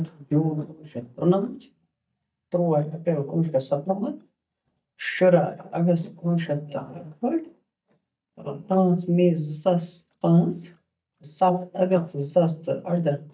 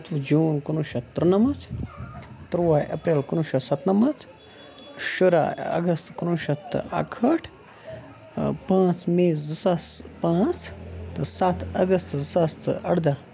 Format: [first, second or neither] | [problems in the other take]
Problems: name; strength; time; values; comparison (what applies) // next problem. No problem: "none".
second | noise reduction (neural mask model DeepFilterNet 3)